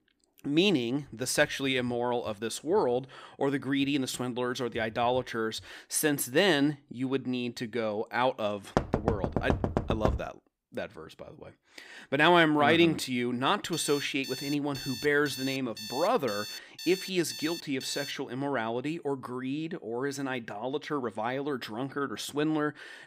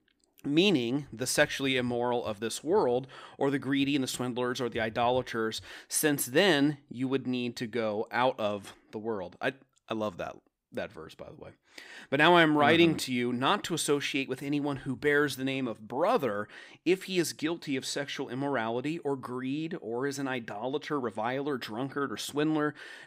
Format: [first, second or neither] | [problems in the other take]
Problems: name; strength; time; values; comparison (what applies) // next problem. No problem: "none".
second | door banging; loud; from 9 to 10 s; peak level with the speech // alarm; noticeable; from 14 to 18 s; peak 9 dB below the speech